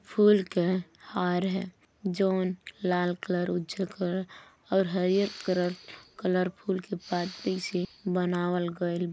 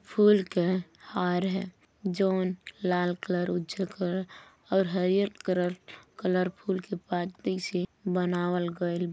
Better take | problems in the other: second | background sound (Respiratory sounds); 19 dB below the speech

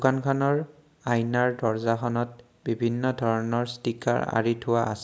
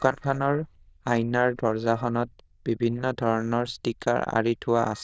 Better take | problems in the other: first | noise reduction (neural diffusion model UNIVERSE++)

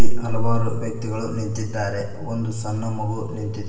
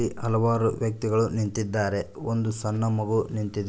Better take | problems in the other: second | room echo; dies away in 1.2 s

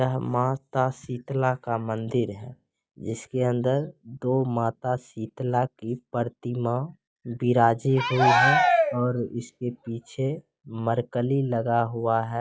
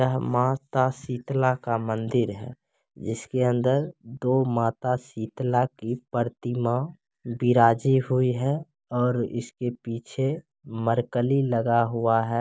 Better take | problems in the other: second | noise reduction (classical method log-MMSE)

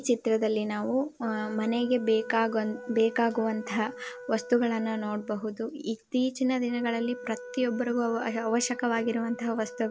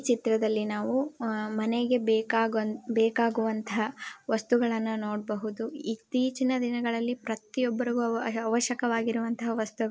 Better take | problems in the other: second | background sound (Wind instrument, woodwind instrument); 15 dB below the speech

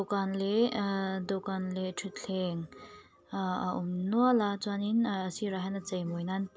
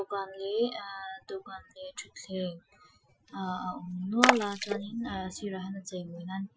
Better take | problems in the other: first | noise reduction (classical method Wiener filter)

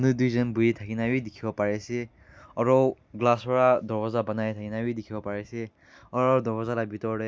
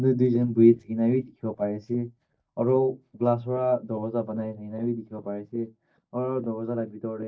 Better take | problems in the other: first | noise reduction (neural mask model DeepFilterNet 3)

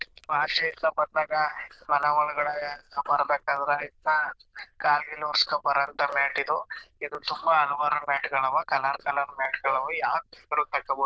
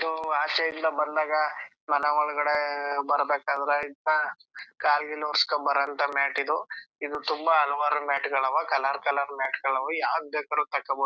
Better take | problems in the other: second | noise reduction (neural diffusion model UNIVERSE++)

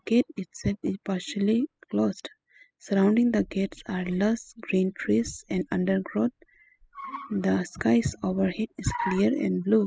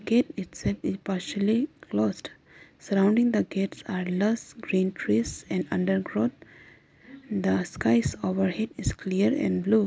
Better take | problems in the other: second | noise reduction (classical method spectral subtraction)

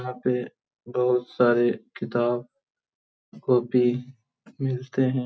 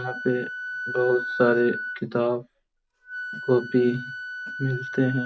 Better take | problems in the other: first | background sound (Wind instrument, woodwind instrument); 8 dB below the speech

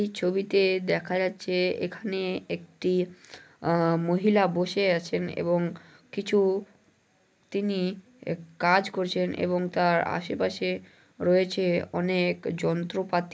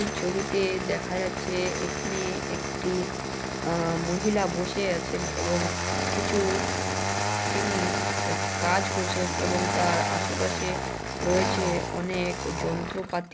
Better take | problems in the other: first | background sound (Engine starting); 1 dB above the speech

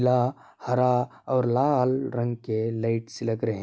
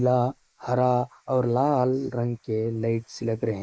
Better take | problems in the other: first | noise reduction (neural mask model Resemble Enhance denoiser)

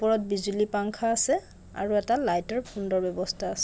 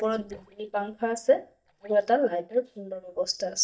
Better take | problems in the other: first | noise reduction (neural mask model DeepFilterNet 3)

